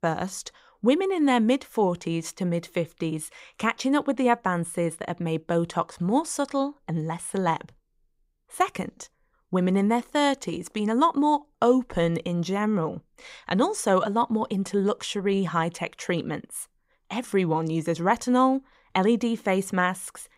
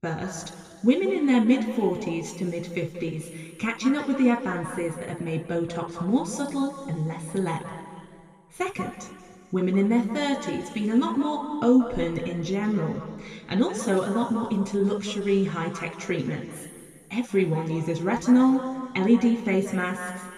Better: first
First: none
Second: room echo; noticeable; dies away in 2.2 s // off-mic speech; somewhat distant

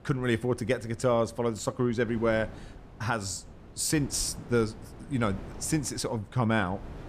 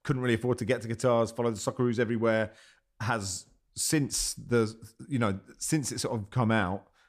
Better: second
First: wind noise on the microphone; occasional gusts; 20 dB below the speech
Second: none

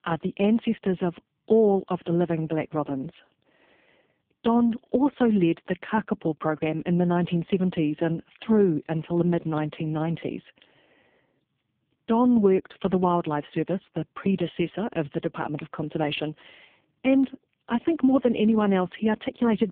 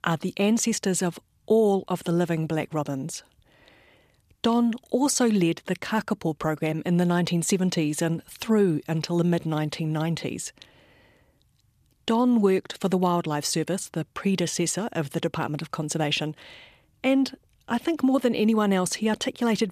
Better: second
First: phone-call audio; poor line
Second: none

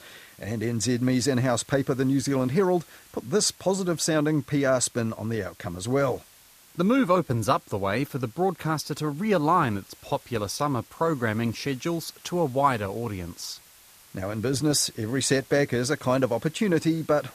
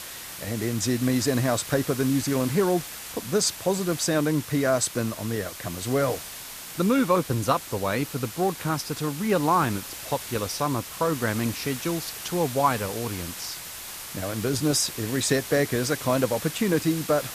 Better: first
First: hiss; faint; throughout; 25 dB below the speech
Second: hiss; loud; throughout; 10 dB below the speech

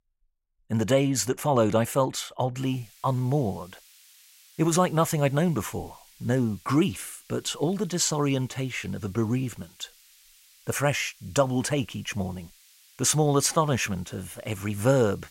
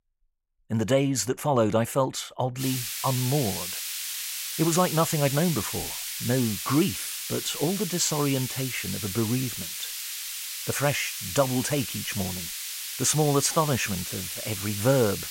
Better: first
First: hiss; faint; from 2.5 s on; 25 dB below the speech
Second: hiss; loud; from 2.5 s on; 5 dB below the speech

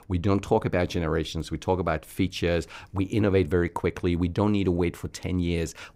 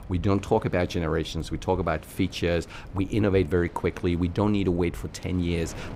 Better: first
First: none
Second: wind noise on the microphone; occasional gusts; 20 dB below the speech

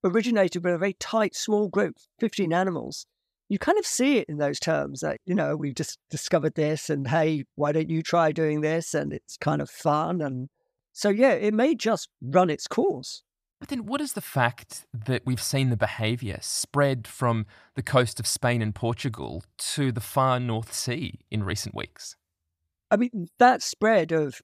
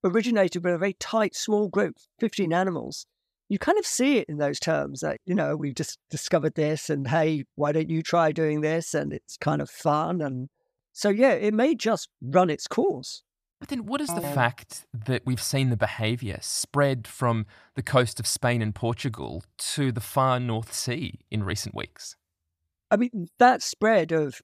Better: first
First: none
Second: phone ringing; noticeable; at 14 s; peak 7 dB below the speech

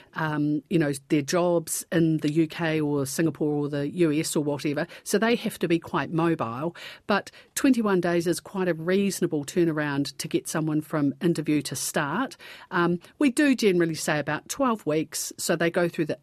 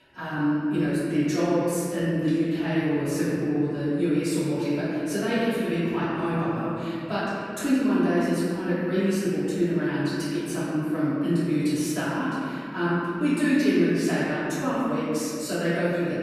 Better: first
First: none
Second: off-mic speech; far // room echo; strong; dies away in 2.5 s

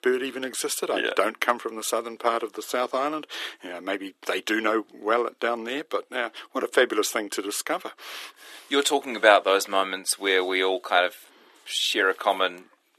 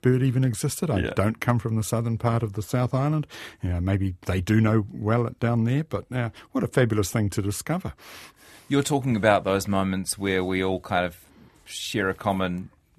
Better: second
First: thin; very; fading below 350 Hz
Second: none

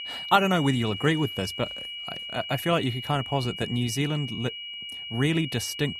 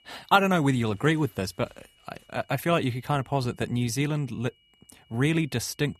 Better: second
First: high-pitched whine; loud; throughout; 3 kHz, 7 dB below the speech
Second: high-pitched whine; faint; throughout; 3 kHz, 35 dB below the speech

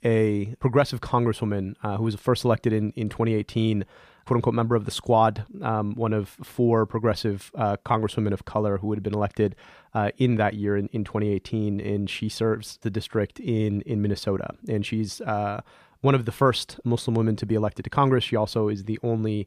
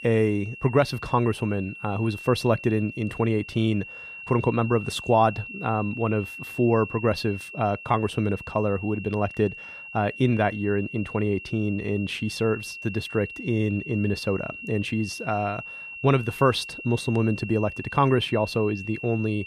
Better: first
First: none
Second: high-pitched whine; noticeable; throughout; 2.5 kHz, 10 dB below the speech

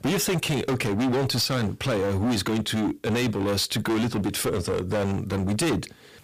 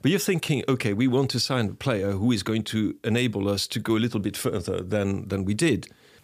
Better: second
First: distortion; heavy; 26% of the sound clipped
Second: none

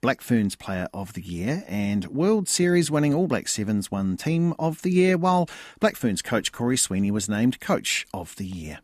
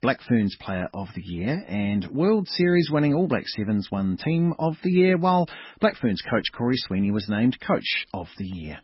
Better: first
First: none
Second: garbled, watery; badly; nothing above 5.5 kHz

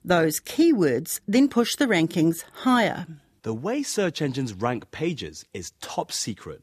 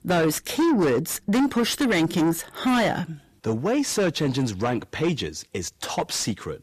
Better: first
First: none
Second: distortion; heavy; 7 dB below the speech

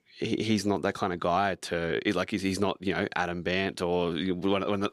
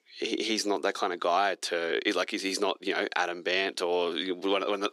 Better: first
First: none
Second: thin; somewhat; fading below 300 Hz

